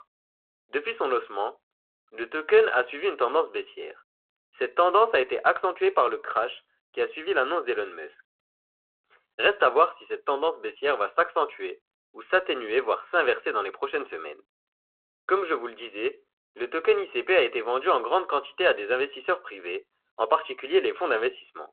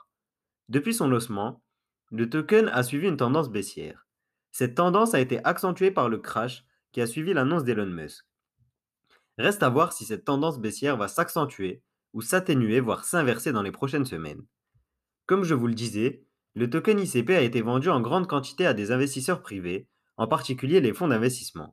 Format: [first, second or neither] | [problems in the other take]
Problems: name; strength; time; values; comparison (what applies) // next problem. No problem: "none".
second | phone-call audio